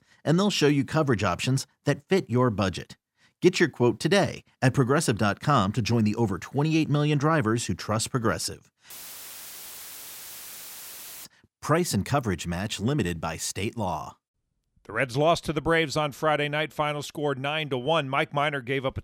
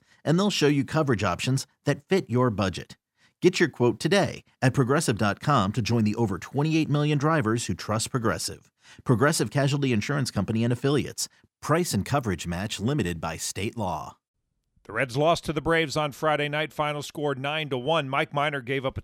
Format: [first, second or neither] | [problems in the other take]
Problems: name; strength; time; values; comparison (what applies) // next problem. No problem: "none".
second | audio cutting out; filled with static; at 9 s for 2.5 s